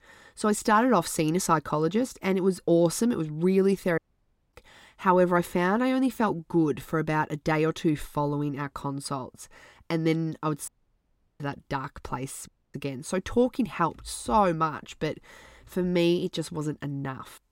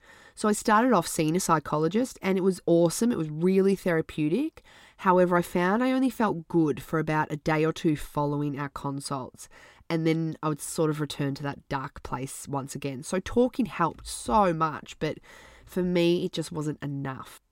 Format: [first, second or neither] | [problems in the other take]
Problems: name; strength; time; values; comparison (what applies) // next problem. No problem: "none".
second | audio cutting out; at 4 s for 0.5 s, at 11 s for 0.5 s and at 12 s